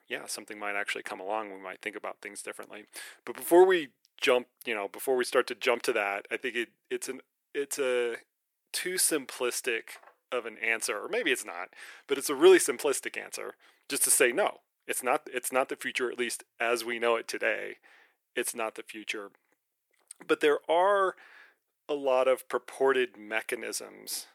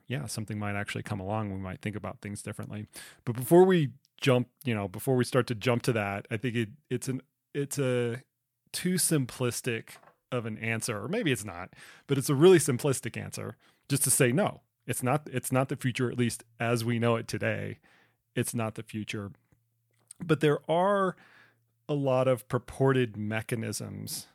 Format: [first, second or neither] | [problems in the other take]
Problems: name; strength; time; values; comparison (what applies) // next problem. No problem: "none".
second | thin; very; fading below 350 Hz